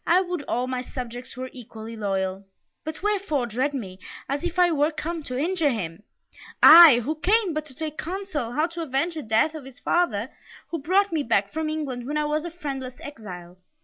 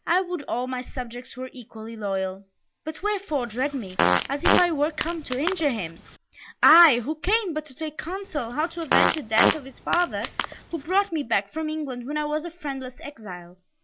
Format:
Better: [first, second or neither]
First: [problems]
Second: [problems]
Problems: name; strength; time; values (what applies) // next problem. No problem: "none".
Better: first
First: none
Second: background sound (Fart); 1 dB below the speech